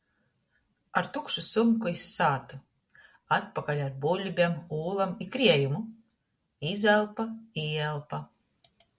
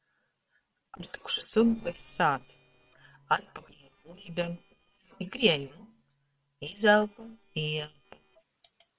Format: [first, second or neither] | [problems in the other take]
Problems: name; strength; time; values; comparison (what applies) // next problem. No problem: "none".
first | noise reduction (neural separator model SepFormer WHAM!)